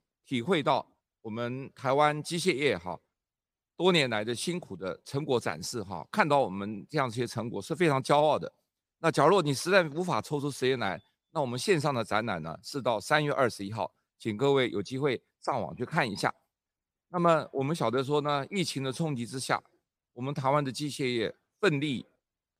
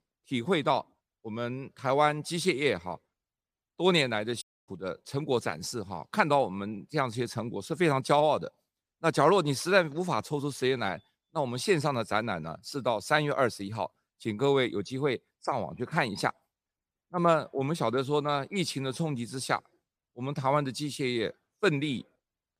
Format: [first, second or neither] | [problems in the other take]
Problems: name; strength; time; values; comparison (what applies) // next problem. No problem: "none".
first | audio cutting out; at 4.5 s